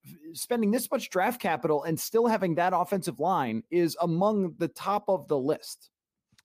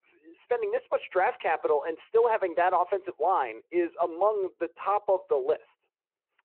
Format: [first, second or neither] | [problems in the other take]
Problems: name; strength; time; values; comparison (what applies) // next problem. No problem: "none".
first | phone-call audio